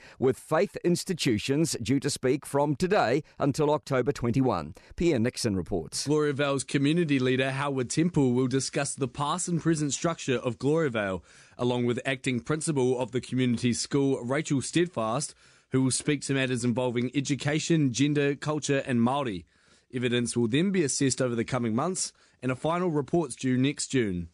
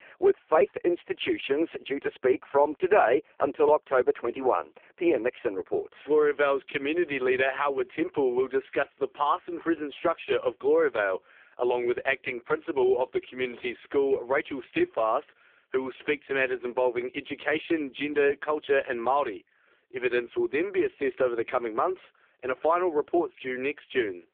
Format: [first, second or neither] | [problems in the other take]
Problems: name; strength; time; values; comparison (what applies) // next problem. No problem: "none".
first | phone-call audio; poor line